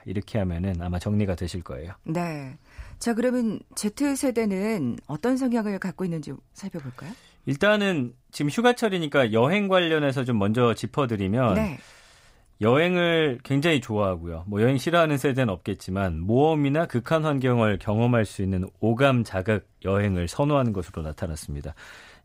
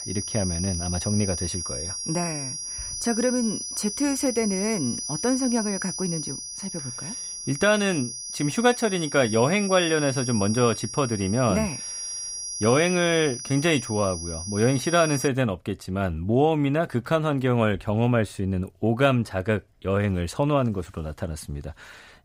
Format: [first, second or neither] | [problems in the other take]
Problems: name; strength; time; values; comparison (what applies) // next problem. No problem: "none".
first | high-pitched whine; loud; until 15 s; 5.5 kHz, 6 dB below the speech